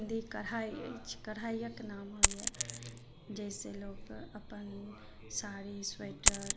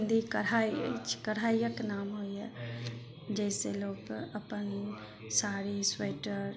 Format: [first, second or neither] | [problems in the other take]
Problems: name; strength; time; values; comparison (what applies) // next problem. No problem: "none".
second | background sound (Coin (dropping)); 4 dB above the speech